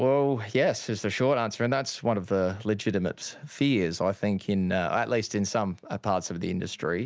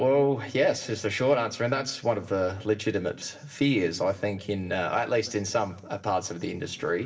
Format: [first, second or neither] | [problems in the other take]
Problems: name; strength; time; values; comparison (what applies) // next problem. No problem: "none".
first | room echo; dies away in 0.8 s